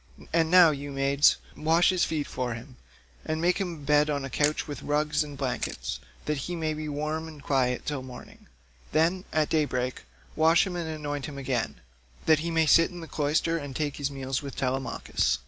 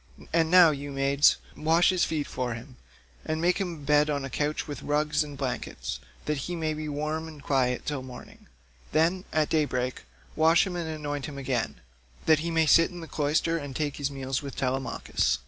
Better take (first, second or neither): second